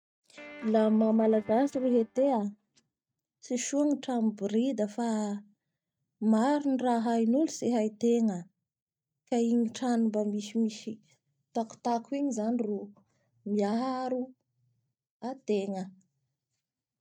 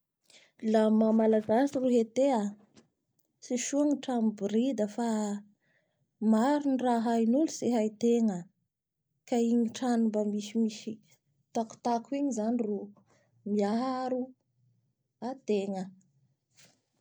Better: second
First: noise reduction (neural mask model RNNoise)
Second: none

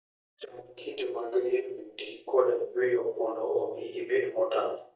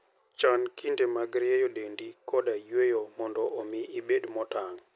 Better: second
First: noise reduction (neural mask model DeepFilterNet 3)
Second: none

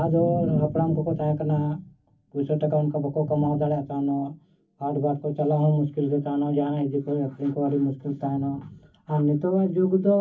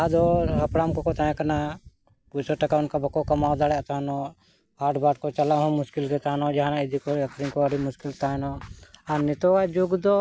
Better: second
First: room echo; dies away in 0.3 s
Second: none

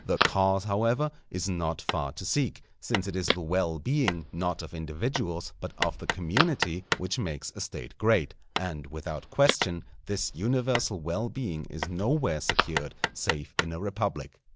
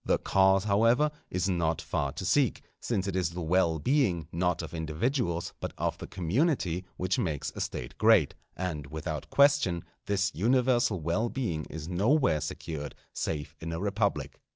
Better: second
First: background sound (Telephone + Hammer); 5 dB below the speech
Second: none

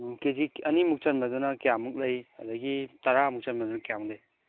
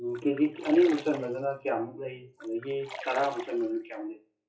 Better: first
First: none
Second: noise reduction (classical method WPE with log-MMSE)

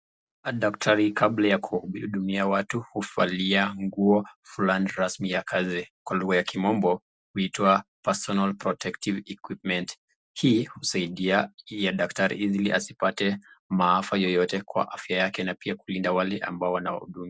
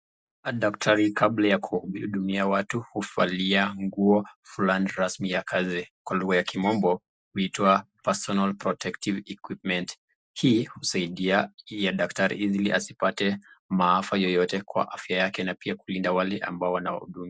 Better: first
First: none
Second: noise reduction (neural mask model Resemble Enhance denoiser)

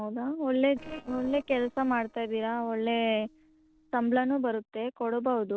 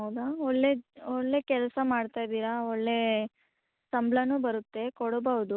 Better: second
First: noise reduction (neural separator model SepFormer DNS4)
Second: none

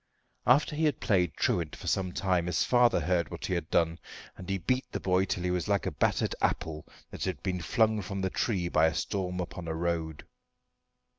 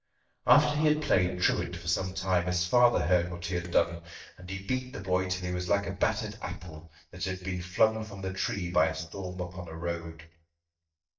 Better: first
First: none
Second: noise reduction (neural mask model DeepFilterNet 3)

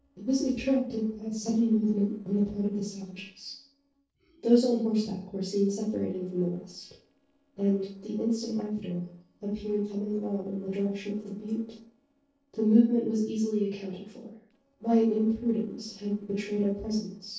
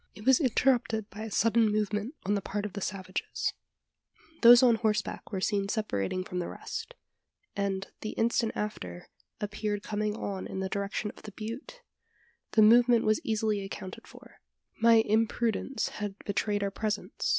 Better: second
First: noise reduction (neural separator model SepFormer DNS4)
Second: none

